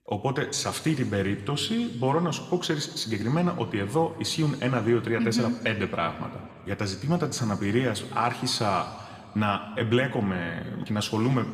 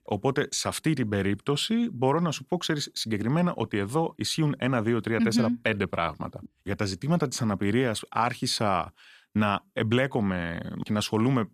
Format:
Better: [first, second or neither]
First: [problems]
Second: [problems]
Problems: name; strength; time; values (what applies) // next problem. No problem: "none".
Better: second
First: room echo; very slight; dies away in 1.8 s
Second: none